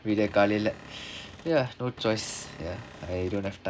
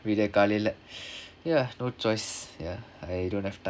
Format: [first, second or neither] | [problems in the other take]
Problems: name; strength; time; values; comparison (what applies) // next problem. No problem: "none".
second | background sound (Cupboard open or close / Door); 17 dB below the speech